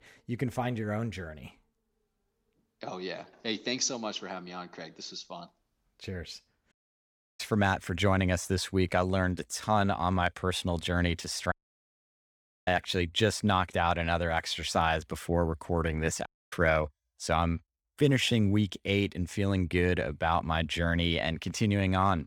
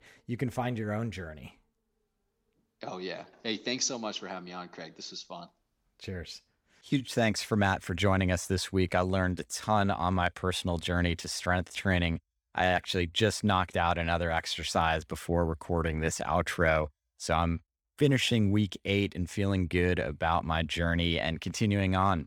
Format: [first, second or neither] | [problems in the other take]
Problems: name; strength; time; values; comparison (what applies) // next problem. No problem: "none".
second | audio cutting out; at 6.5 s for 0.5 s, at 12 s for 1 s and at 16 s